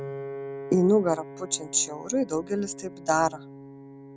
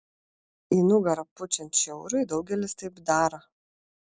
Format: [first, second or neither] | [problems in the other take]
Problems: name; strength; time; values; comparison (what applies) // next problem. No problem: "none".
second | background sound (Piano); 13 dB below the speech